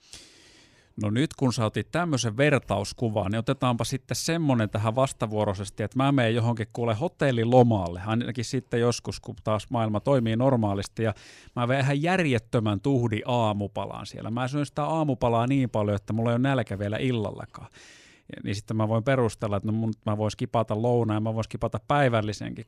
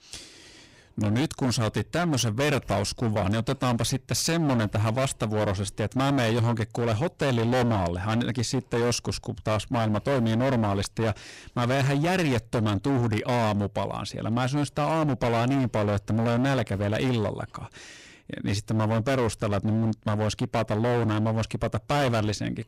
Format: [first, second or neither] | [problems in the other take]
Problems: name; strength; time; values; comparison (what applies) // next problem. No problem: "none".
first | distortion; heavy; 24% of the sound clipped